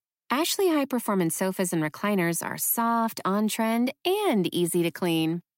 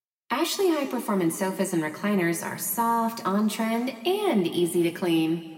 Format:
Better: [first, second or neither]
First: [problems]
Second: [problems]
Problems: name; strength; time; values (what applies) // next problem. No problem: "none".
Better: first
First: none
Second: room echo; slight; dies away in 1.6 s